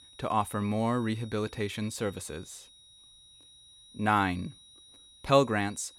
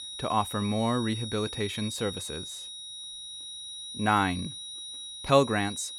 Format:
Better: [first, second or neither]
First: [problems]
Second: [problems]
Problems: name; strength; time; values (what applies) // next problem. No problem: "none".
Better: first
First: high-pitched whine; faint; throughout; 4 kHz, 25 dB below the speech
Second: high-pitched whine; loud; throughout; 4 kHz, 9 dB below the speech